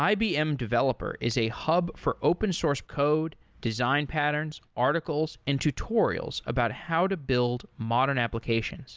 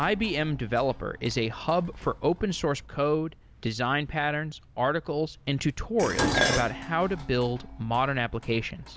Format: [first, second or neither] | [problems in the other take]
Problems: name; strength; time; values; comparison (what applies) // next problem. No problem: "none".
first | background sound (Dishes, pots, and pans); 8 dB below the speech